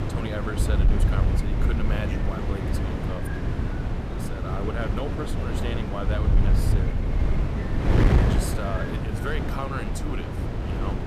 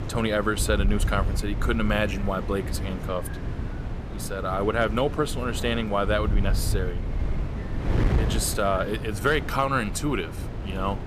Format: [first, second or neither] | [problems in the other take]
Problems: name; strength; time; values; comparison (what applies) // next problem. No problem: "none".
second | wind noise on the microphone; heavy; 1 dB above the speech; occasional gusts in the second